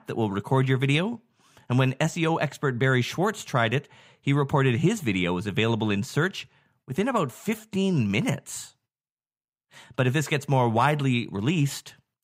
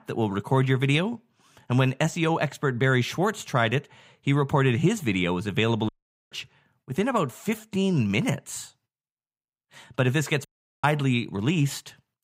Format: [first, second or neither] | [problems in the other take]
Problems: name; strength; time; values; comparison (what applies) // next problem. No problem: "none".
first | audio cutting out; at 6 s and at 10 s